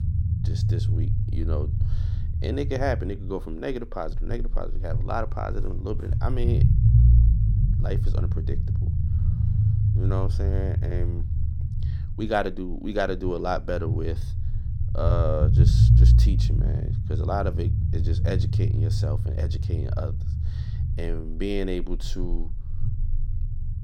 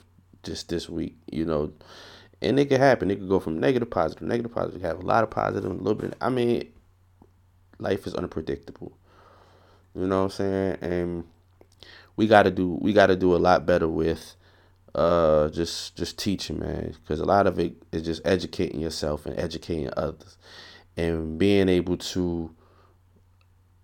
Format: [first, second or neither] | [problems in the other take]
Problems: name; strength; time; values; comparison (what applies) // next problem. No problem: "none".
second | low rumble; loud; throughout; 7 dB below the speech